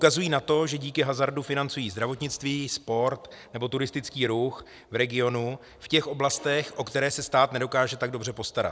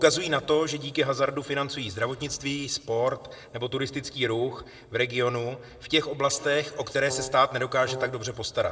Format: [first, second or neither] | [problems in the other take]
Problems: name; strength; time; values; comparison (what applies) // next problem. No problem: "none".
first | background sound (Brass instrument); 11 dB below the speech // room echo; dies away in 0.9 s